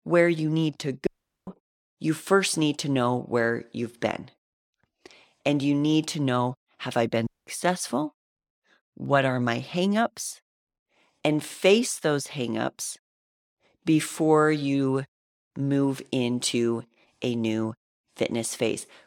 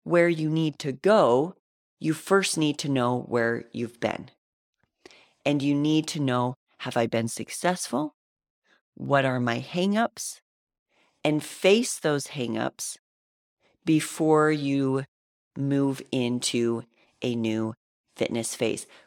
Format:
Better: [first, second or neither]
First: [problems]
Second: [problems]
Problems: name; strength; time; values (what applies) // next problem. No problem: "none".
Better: second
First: audio cutting out; at 1 s and at 7.5 s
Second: none